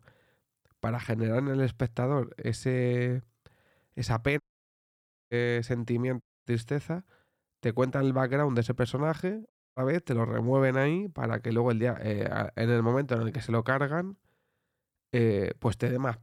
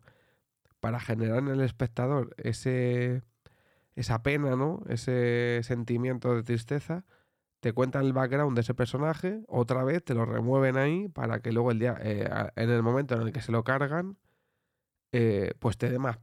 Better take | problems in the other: second | audio cutting out; at 4.5 s for 1 s, at 6 s and at 9.5 s

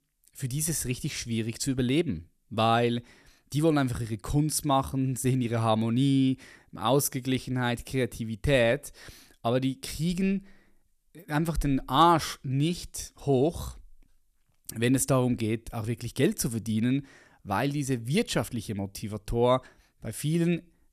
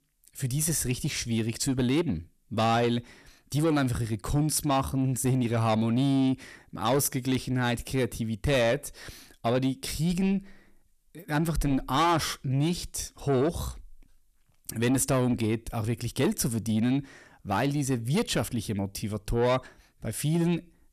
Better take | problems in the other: first | distortion; slight; 10 dB below the speech

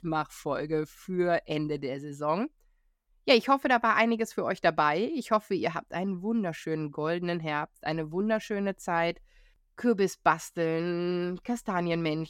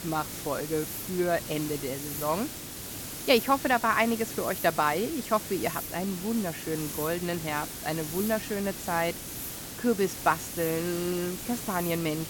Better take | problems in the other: first | hiss; loud; throughout; 7 dB below the speech

